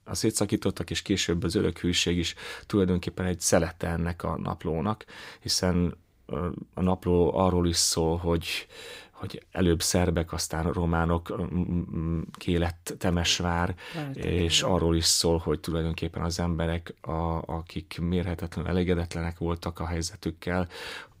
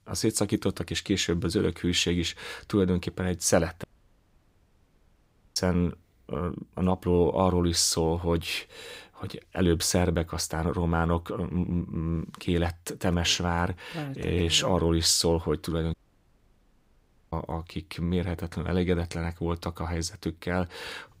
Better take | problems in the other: first | audio cutting out; at 4 s for 1.5 s and at 16 s for 1.5 s

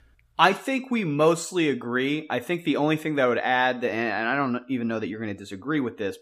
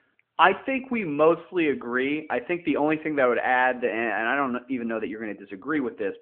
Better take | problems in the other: first | phone-call audio

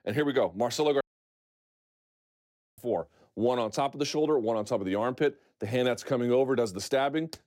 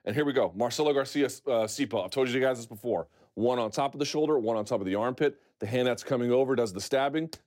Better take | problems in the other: second | audio cutting out; at 1 s for 2 s

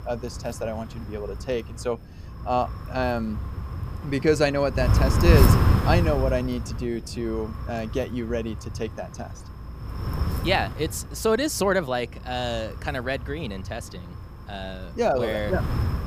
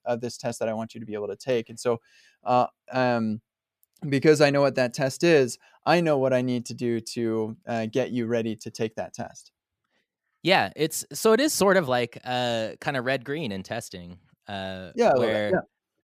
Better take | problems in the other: second | wind noise on the microphone; heavy; 7 dB below the speech

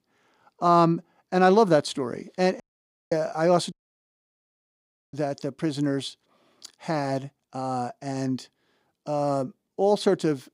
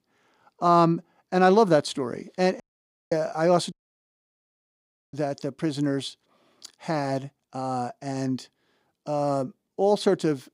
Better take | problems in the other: neither | audio cutting out; at 2.5 s for 0.5 s and at 3.5 s for 1.5 s; the same in both

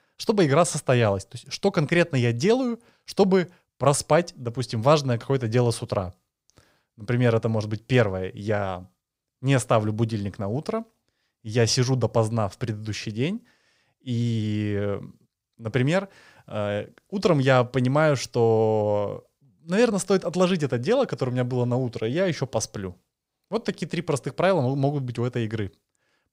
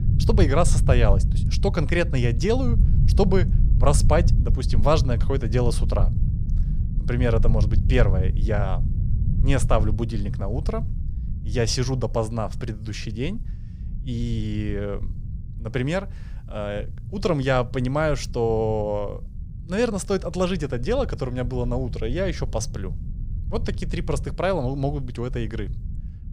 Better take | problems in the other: first | low rumble; noticeable; throughout; 15 dB below the speech

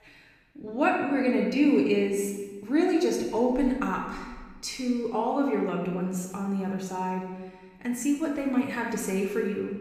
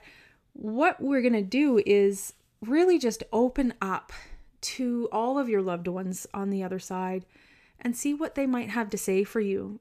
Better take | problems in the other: second | room echo; noticeable; dies away in 1.1 s // off-mic speech; somewhat distant

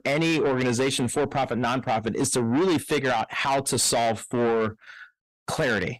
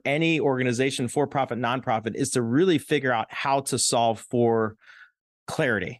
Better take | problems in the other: second | distortion; heavy; 7 dB below the speech

